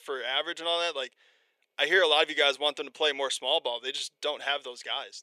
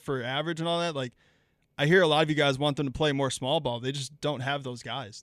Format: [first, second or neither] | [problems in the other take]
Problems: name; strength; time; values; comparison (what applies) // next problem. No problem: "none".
second | thin; very; fading below 450 Hz